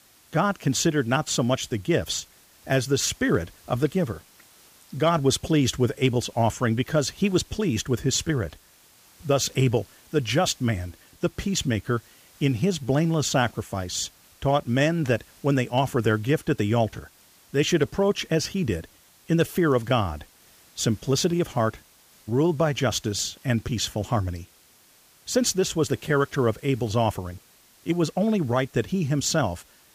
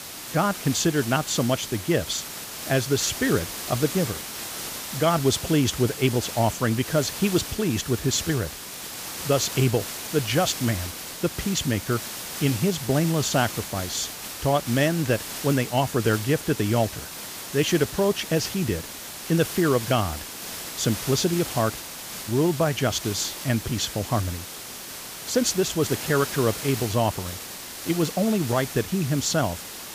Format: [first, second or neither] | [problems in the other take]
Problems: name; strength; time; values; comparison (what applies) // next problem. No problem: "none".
first | hiss; loud; throughout; 8 dB below the speech; faint in the first